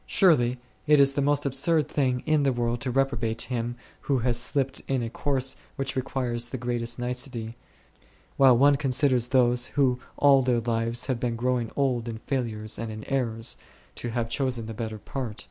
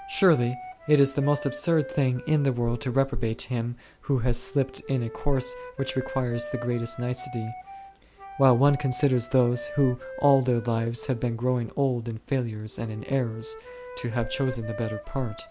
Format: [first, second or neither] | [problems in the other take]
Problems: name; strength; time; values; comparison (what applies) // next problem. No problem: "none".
first | background sound (Wind instrument, woodwind instrument); 15 dB below the speech